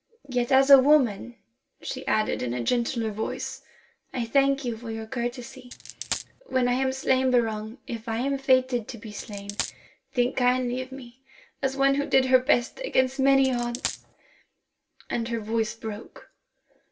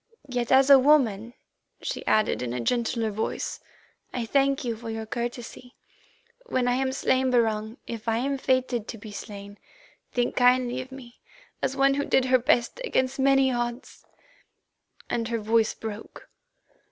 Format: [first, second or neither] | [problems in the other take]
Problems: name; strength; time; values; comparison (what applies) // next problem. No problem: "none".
second | background sound (Coin (dropping)); 9 dB below the speech // room echo; dies away in 0.2 s